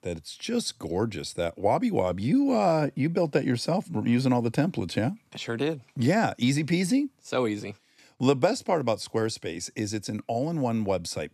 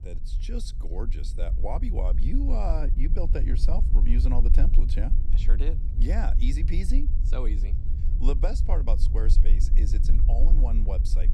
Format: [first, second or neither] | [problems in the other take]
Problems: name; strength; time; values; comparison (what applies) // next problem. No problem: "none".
first | low rumble; loud; throughout; 8 dB below the speech